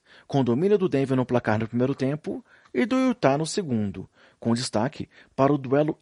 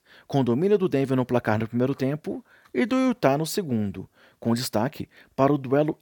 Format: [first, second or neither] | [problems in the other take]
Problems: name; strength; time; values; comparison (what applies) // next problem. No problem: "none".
second | garbled, watery; slightly; nothing above 10.5 kHz